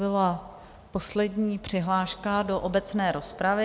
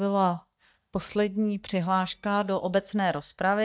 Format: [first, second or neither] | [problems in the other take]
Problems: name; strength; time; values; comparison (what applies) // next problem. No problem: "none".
first | noise reduction (neural mask model DeepFilterNet 3)